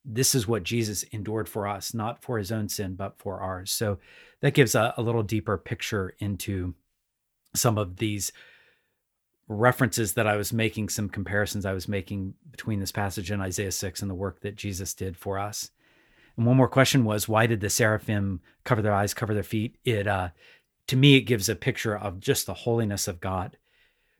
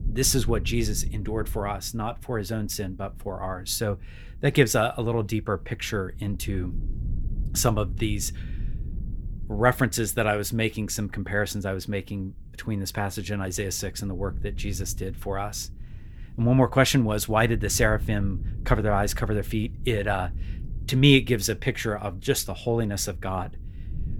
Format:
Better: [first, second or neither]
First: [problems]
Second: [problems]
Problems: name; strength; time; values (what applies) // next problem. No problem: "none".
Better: first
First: none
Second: low rumble; faint; throughout; 25 dB below the speech